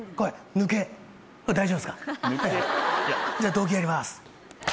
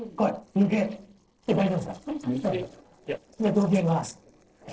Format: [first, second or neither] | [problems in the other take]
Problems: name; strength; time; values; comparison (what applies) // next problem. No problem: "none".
first | noise reduction (neural separator model SepFormer DNS4)